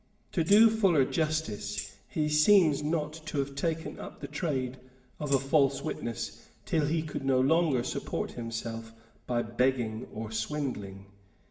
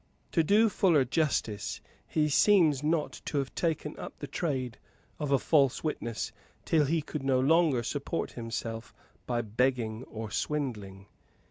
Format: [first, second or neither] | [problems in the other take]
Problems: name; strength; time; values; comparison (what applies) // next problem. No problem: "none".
second | background sound (Tambourine); 14 dB below the speech // room echo; dies away in 0.8 s